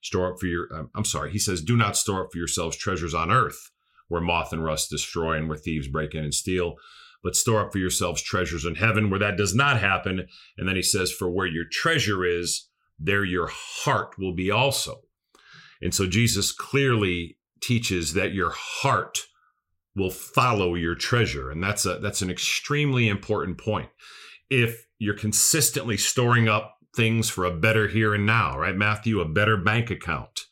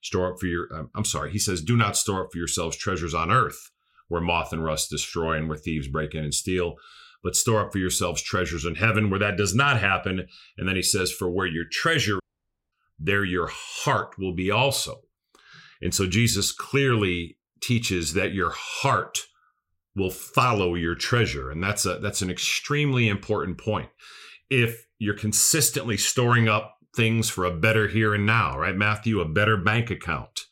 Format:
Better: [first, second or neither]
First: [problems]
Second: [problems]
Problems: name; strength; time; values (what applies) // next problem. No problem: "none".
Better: first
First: none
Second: audio cutting out; at 12 s for 0.5 s